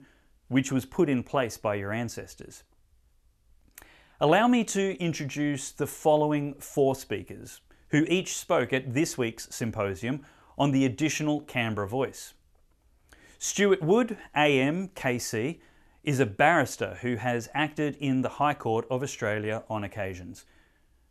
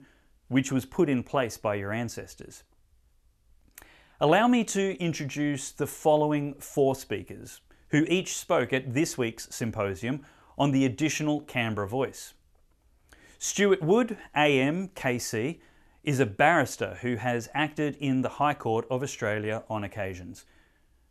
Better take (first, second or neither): neither